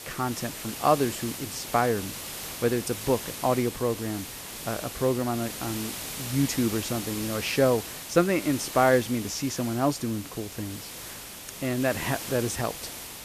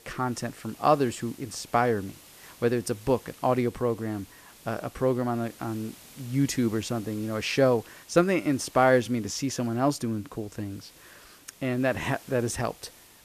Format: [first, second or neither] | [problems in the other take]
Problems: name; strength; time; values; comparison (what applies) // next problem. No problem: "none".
second | hiss; loud; throughout; 8 dB below the speech; faint in the second